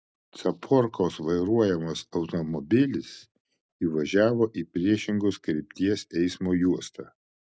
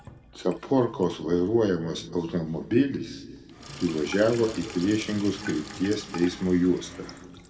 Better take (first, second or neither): first